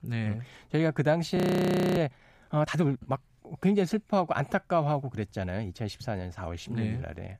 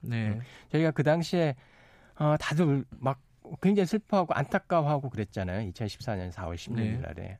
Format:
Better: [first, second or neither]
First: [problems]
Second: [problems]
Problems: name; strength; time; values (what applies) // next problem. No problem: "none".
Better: second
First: audio freezing; at 1.5 s for 0.5 s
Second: none